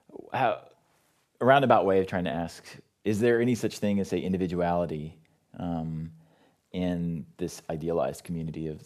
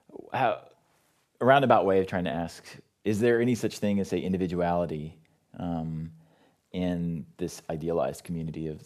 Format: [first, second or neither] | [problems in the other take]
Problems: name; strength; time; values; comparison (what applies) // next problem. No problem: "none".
neither | none